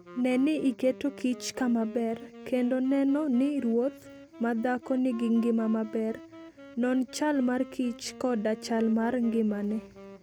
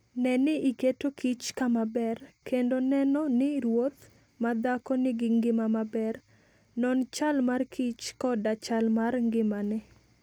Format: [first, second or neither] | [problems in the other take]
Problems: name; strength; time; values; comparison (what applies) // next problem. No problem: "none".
second | background sound (Wind instrument, woodwind instrument); 18 dB below the speech